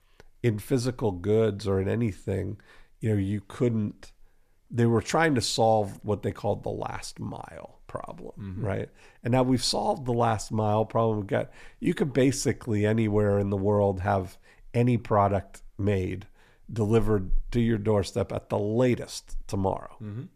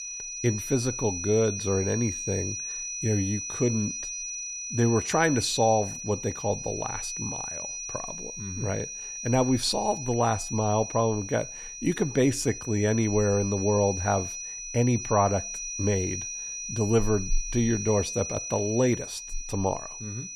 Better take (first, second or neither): first